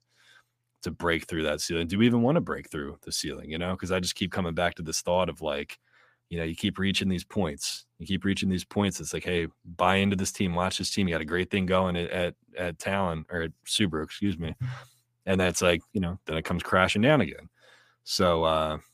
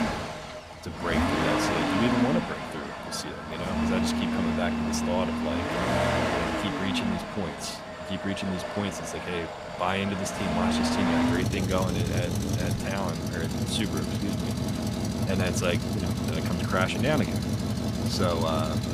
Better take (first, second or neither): first